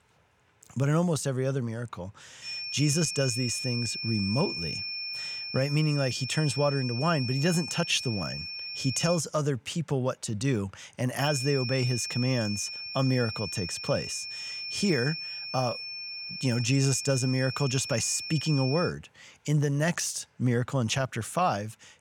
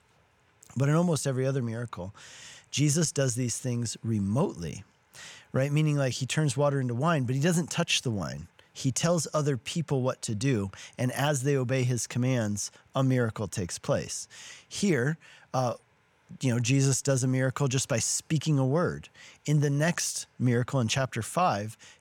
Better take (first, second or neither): second